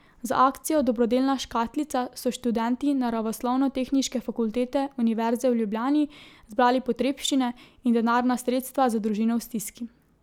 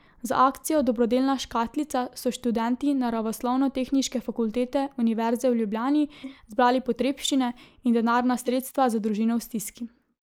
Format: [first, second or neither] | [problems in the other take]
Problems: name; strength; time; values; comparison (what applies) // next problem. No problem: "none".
first | noise reduction (neural mask model Resemble Enhance denoiser)